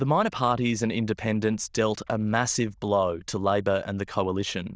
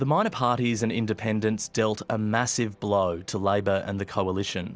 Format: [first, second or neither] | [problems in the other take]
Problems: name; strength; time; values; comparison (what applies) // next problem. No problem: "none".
second | noise reduction (neural diffusion model UNIVERSE++)